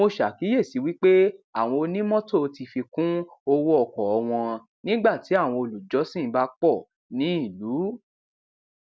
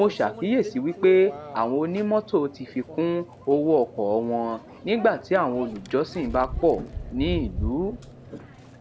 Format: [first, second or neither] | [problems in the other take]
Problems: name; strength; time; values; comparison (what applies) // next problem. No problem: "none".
first | background sound (Microwave oven); 12 dB below the speech